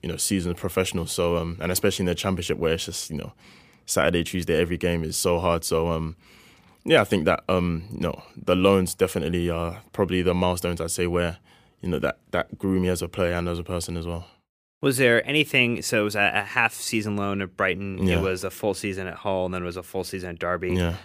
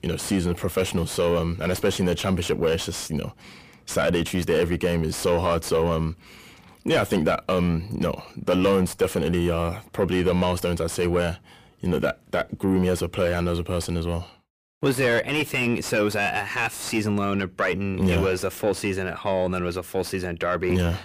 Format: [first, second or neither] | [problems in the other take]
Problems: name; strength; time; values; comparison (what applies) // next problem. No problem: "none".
first | distortion; heavy; 7 dB below the speech